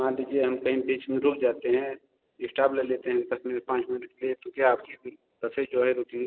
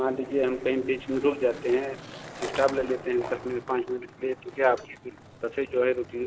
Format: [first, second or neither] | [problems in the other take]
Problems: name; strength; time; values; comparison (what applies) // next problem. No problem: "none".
first | background sound (Skateboard); 15 dB below the speech